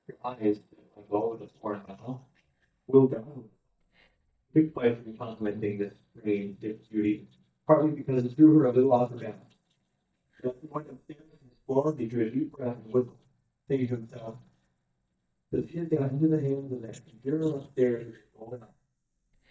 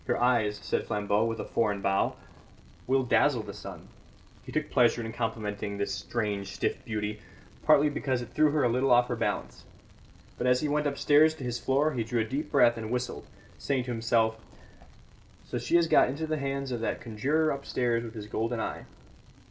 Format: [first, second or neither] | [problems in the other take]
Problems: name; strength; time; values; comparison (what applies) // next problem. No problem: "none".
second | noise reduction (neural mask model DeepFilterNet 3)